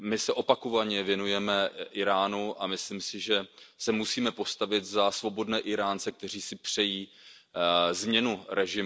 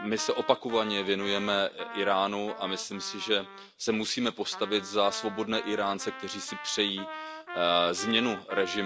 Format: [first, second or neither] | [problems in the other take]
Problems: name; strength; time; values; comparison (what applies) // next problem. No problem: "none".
first | background sound (Trumpet); 12 dB below the speech